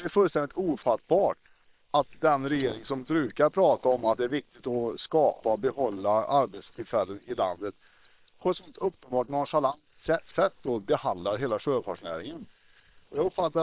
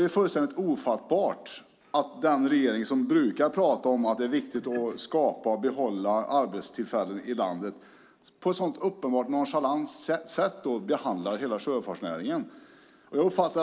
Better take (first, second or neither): second